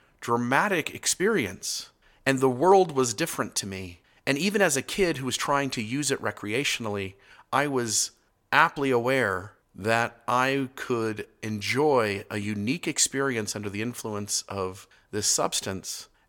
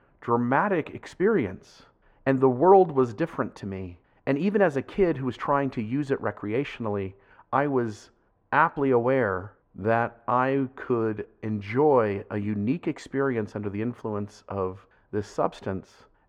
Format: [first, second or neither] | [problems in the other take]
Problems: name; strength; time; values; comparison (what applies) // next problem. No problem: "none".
first | muffled; very; fading above 3.5 kHz